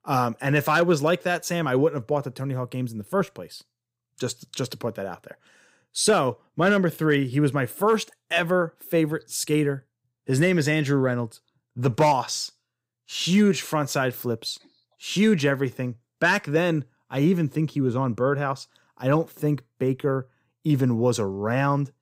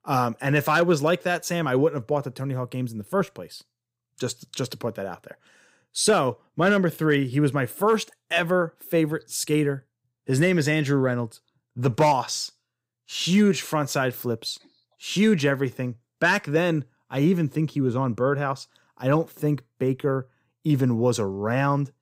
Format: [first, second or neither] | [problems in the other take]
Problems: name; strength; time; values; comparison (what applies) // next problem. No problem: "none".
neither | none